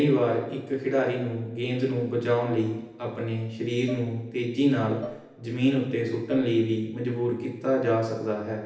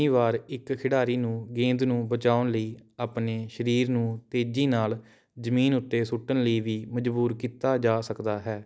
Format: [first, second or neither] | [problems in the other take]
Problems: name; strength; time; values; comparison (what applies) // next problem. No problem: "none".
second | background sound (Dishes, pots, and pans); 17 dB below the speech // room echo; dies away in 0.9 s